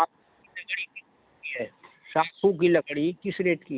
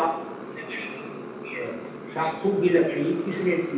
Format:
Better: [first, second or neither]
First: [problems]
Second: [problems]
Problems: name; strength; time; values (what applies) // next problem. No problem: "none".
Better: first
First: none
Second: background sound (Motorcycle); 10 dB below the speech // room echo; dies away in 0.9 s